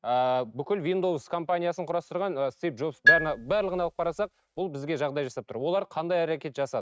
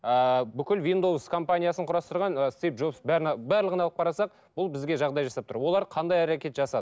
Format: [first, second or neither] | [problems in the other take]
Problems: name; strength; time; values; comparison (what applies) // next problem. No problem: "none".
second | noise reduction (neural mask model RNNoise)